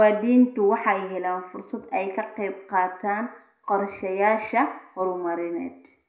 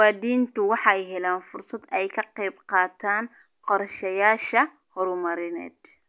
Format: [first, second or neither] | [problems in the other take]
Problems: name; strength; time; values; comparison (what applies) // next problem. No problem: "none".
second | room echo; dies away in 0.5 s